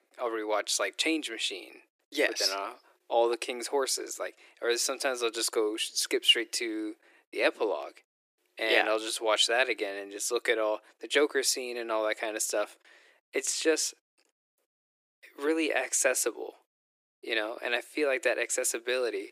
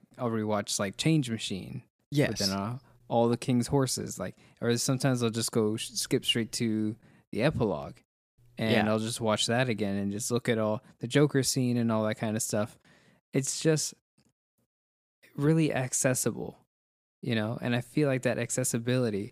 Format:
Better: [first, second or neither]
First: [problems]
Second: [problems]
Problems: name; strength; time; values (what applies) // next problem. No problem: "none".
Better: second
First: thin; very; fading below 350 Hz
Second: none